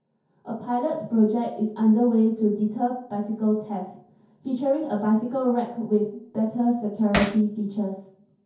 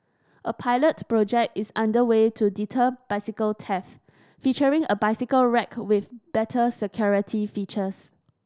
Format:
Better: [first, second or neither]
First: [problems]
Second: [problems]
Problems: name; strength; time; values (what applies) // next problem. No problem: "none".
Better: second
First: background sound (Hammer); 3 dB below the speech // room echo; dies away in 0.6 s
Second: none